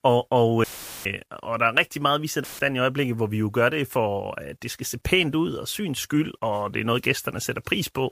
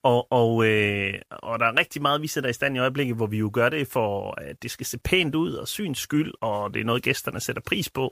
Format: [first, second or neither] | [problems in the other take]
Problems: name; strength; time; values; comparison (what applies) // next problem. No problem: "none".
second | audio cutting out; filled with static; at 0.5 s and at 2.5 s